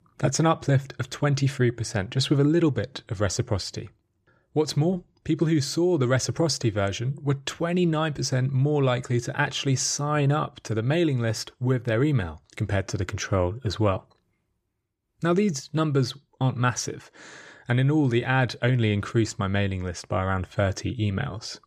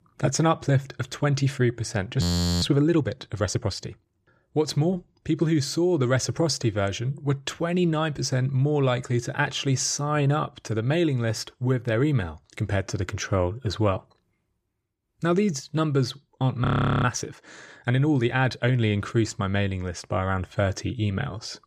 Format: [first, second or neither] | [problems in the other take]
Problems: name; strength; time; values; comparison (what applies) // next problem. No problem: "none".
first | audio freezing; at 2 s and at 17 s